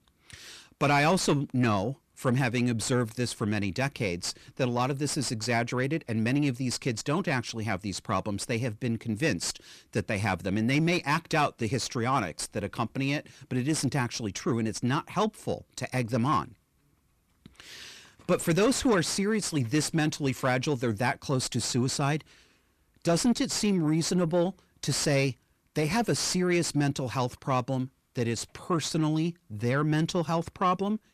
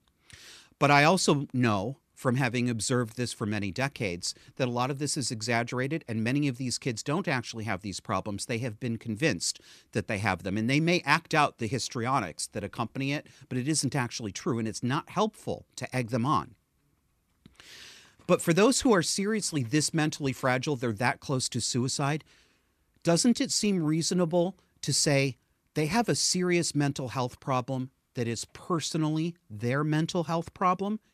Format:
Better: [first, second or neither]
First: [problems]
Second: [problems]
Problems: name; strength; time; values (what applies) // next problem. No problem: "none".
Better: second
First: distortion; slight; 10 dB below the speech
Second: none